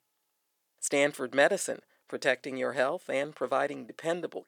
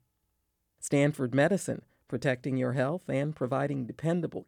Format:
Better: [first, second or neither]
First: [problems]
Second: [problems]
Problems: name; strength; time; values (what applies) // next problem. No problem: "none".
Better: second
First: thin; somewhat; fading below 500 Hz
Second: none